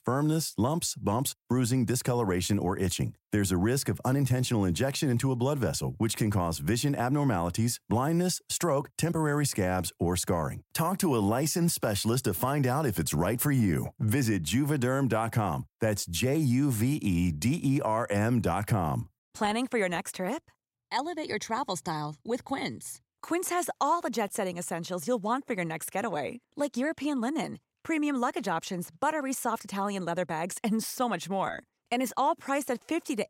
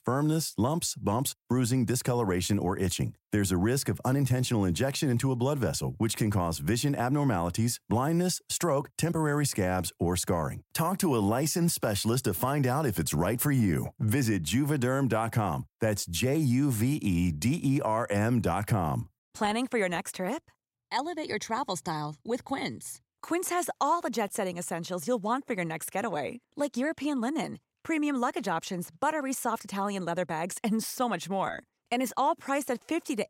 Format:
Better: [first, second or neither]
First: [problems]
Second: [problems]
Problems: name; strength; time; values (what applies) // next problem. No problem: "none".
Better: neither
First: none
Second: none